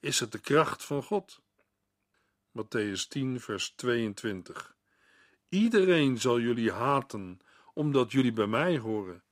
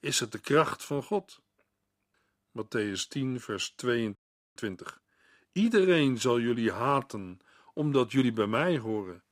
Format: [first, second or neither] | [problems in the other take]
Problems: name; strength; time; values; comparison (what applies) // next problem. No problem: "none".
first | audio freezing; at 4 s